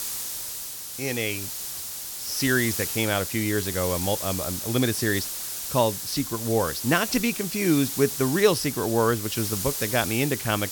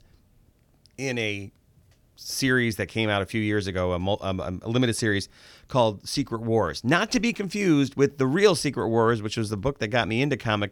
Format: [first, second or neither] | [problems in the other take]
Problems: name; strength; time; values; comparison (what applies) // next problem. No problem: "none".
second | hiss; loud; throughout; 4 dB below the speech